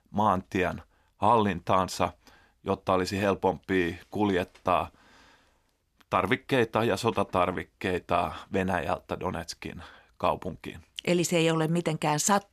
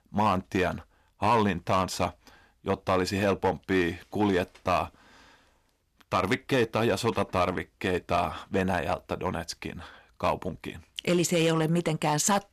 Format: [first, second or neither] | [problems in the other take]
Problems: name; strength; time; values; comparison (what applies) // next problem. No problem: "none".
first | distortion; slight; 3% of the sound clipped